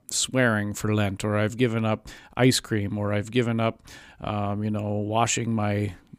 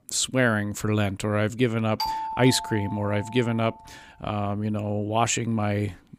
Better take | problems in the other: first | doorbell; noticeable; from 2 to 3.5 s; peak 3 dB below the speech

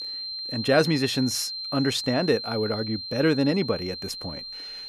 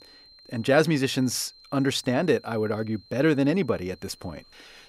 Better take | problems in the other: second | high-pitched whine; loud; throughout; 4 kHz, 7 dB below the speech; faint in the second

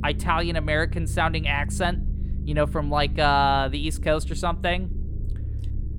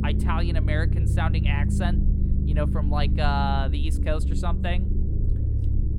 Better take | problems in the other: first | low rumble; loud; throughout; 8 dB below the speech; faint in the first

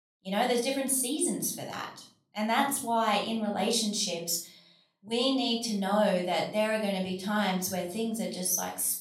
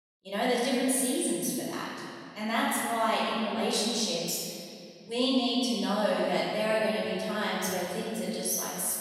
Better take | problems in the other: first | room echo; strong; dies away in 2.3 s; slight in the first // off-mic speech; far; far in the first

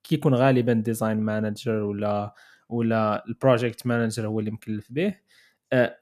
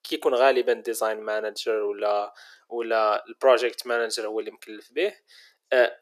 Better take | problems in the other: first | thin; very; fading below 350 Hz

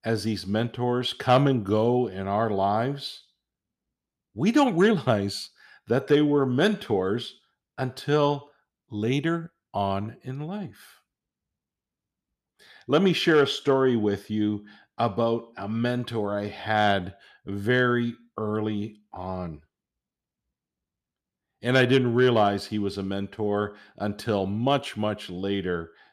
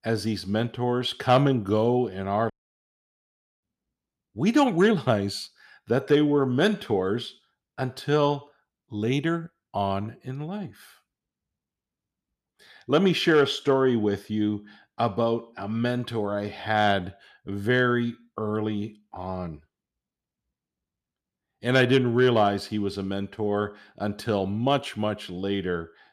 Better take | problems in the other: first | audio cutting out; at 2.5 s for 1 s

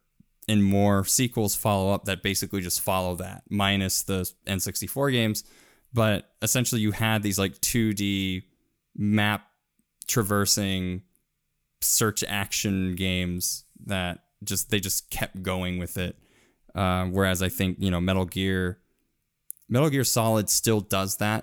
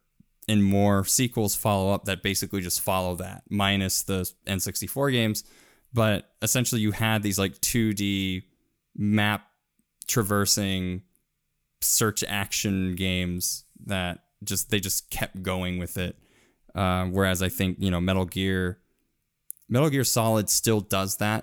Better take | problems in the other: neither | none

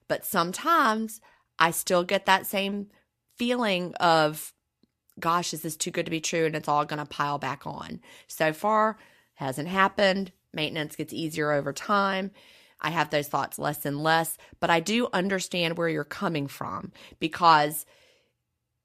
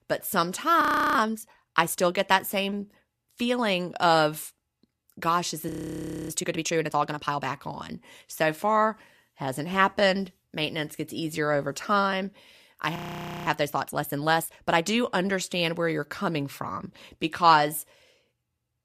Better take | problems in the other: first | audio freezing; at 1 s, at 5.5 s for 0.5 s and at 13 s for 0.5 s

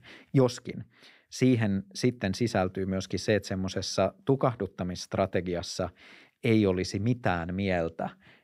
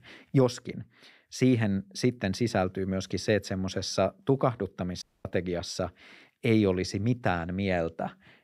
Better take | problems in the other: first | audio cutting out; at 5 s

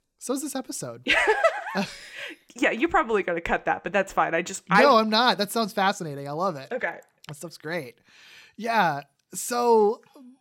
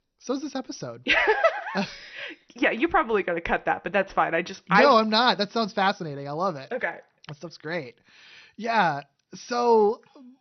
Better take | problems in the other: first | garbled, watery; slightly; nothing above 6 kHz

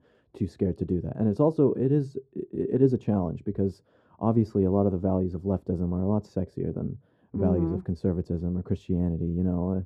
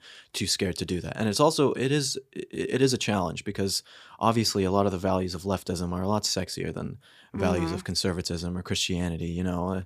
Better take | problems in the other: second | muffled; very; fading above 1.5 kHz

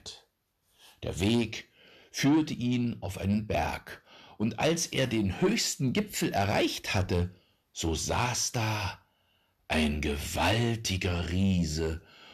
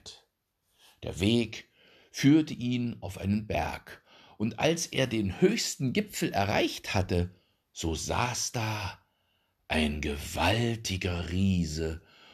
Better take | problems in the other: second | distortion; slight; 10 dB below the speech

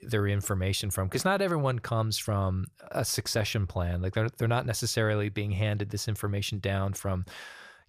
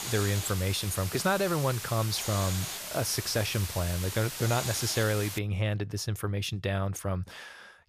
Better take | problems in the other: first | hiss; loud; until 5.5 s; 5 dB below the speech

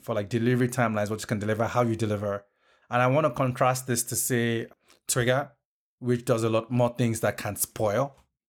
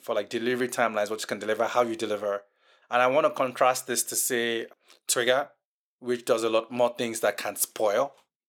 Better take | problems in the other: first | thin; somewhat; fading below 400 Hz

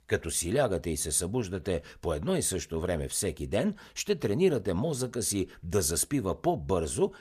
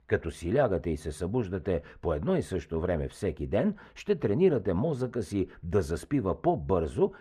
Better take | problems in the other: first | muffled; very; fading above 3.5 kHz

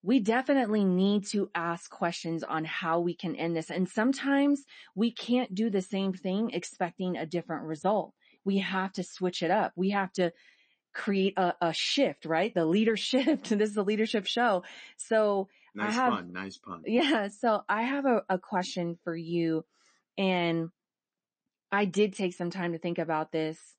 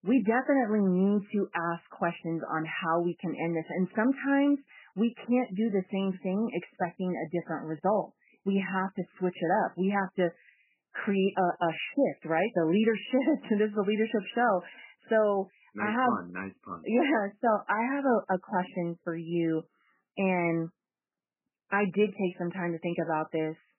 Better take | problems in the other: first | garbled, watery; badly; nothing above 3 kHz; slightly in the first

